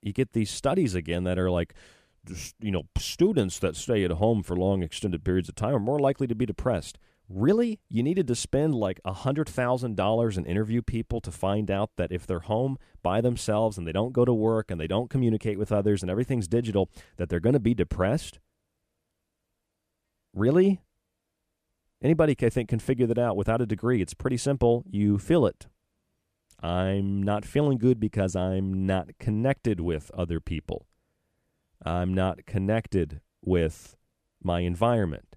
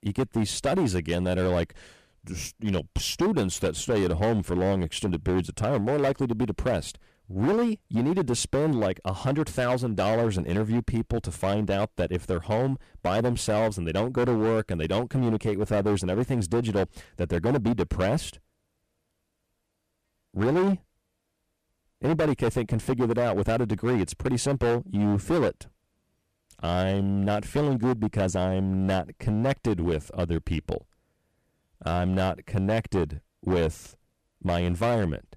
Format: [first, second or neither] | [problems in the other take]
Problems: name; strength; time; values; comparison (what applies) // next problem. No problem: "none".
first | distortion; heavy; 13% of the sound clipped